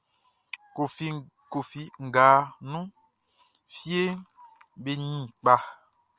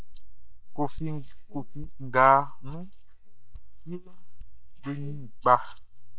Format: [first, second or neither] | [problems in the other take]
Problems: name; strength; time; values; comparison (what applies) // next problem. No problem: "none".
first | noise reduction (neural mask model DeepFilterNet 3)